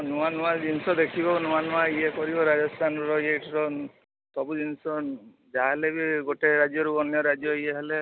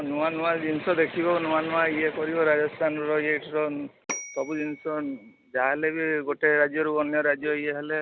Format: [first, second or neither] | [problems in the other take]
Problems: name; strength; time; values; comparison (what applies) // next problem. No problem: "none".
first | background sound (Bell / Telephone); 16 dB below the speech